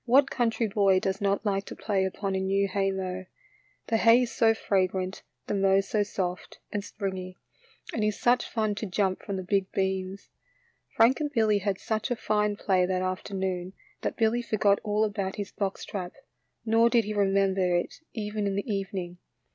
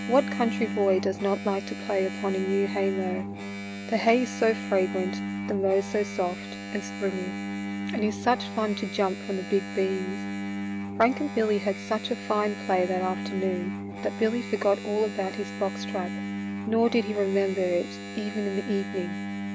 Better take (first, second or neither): first